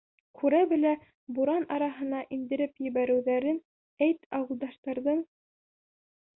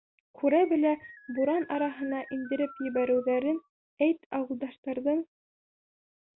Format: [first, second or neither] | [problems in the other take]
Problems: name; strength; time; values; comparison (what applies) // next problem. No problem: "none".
first | background sound (Keyboard (musical)); 19 dB below the speech